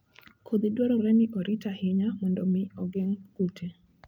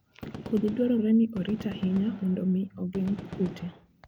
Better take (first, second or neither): first